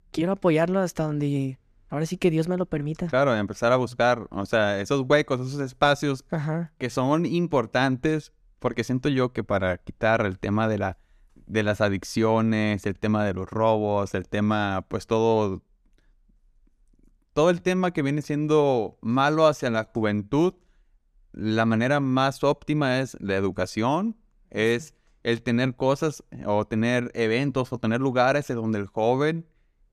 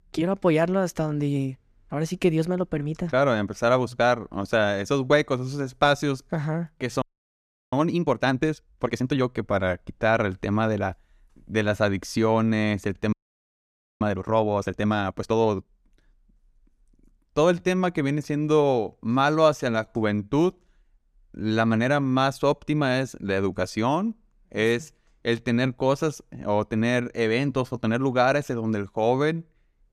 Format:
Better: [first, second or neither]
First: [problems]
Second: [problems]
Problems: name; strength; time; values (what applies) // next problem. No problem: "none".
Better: first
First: none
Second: audio freezing; at 7 s for 0.5 s and at 13 s for 1 s